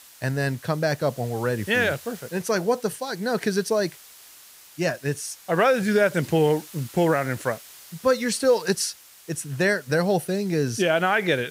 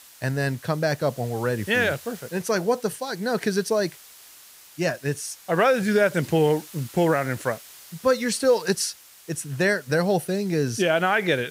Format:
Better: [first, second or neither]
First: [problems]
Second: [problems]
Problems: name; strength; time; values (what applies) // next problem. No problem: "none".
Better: neither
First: hiss; faint; throughout; 20 dB below the speech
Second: hiss; faint; throughout; 20 dB below the speech